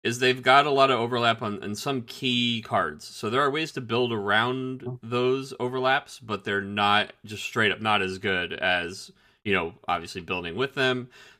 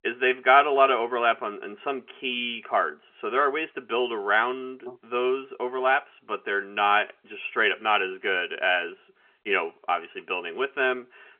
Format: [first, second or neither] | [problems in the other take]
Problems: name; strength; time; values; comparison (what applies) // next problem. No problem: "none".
first | phone-call audio; nothing above 3.5 kHz